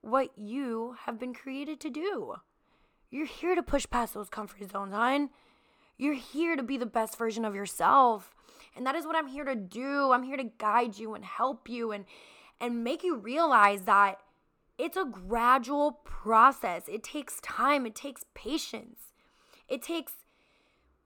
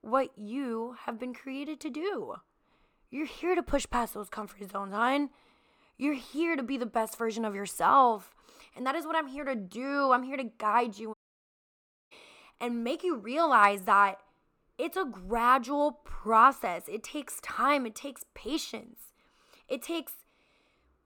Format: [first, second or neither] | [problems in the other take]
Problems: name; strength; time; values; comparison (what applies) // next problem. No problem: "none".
first | audio cutting out; at 11 s for 1 s